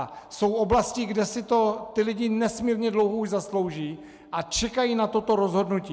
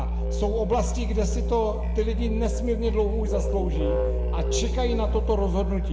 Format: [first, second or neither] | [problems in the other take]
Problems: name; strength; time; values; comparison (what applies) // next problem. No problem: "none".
first | background sound (Musical instrument); 3 dB above the speech // room echo; dies away in 1.3 s